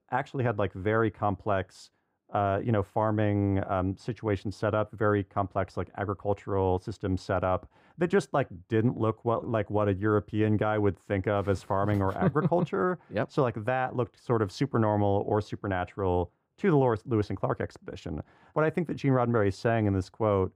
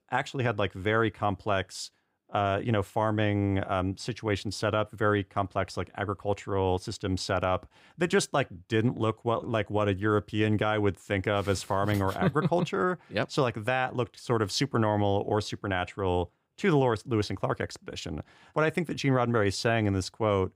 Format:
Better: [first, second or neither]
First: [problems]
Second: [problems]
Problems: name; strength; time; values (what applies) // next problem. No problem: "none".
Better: second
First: muffled; slightly; fading above 2 kHz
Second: none